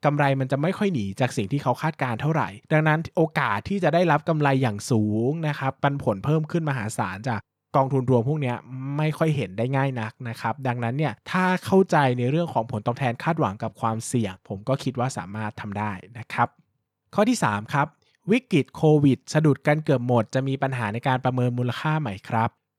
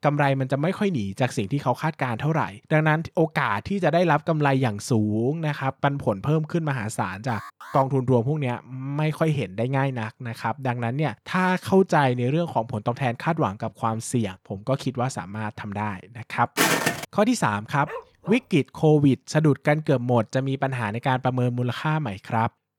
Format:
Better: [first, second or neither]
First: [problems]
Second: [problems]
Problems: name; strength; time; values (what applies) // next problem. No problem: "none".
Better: first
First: none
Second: alarm; faint; at 7.5 s; peak 15 dB below the speech // footsteps; loud; at 17 s; peak 4 dB above the speech // dog barking; faint; at 18 s; peak 15 dB below the speech